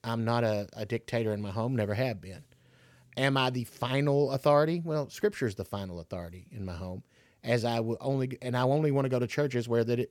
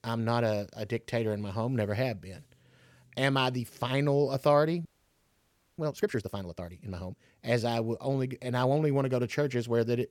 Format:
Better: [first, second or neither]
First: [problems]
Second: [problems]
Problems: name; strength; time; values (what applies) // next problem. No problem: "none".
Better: first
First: none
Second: audio freezing; at 5 s for 1 s